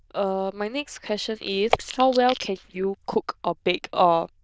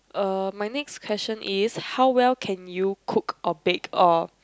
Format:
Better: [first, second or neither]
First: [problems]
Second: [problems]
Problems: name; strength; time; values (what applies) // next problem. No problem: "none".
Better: second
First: noise reduction (neural diffusion model UNIVERSE++)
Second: none